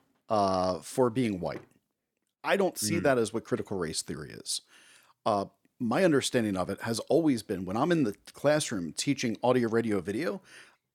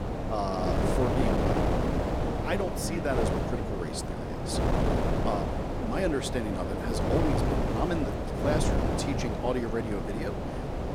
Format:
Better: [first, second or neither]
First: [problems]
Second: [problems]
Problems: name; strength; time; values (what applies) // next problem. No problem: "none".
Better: first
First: none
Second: wind noise on the microphone; heavy; 2 dB above the speech